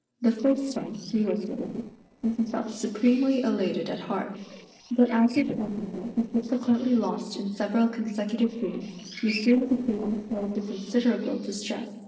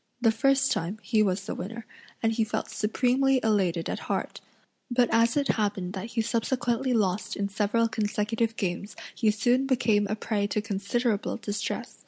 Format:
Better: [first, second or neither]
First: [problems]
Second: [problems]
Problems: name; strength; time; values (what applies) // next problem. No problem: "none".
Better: second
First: noise reduction (neural separator model SepFormer DNS4)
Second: none